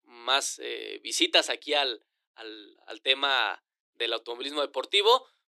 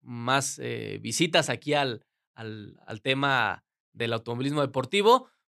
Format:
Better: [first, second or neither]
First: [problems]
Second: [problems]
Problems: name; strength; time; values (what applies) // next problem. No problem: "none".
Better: second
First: thin; very; fading below 300 Hz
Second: none